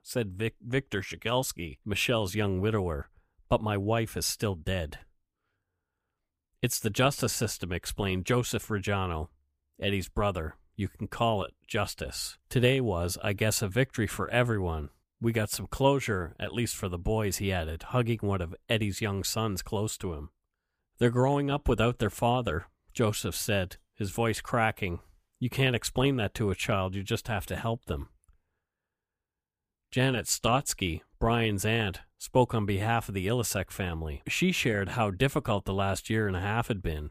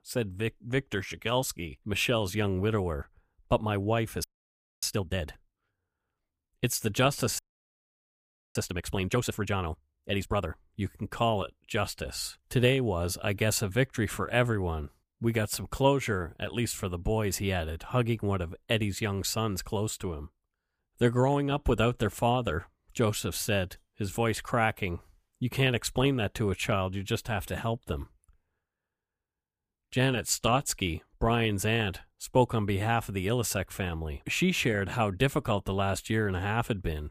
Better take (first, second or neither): first